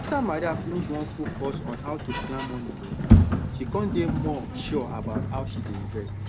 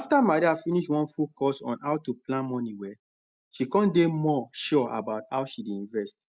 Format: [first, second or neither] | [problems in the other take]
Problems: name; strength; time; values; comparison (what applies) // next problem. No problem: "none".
second | background sound (Sliding door); 5 dB above the speech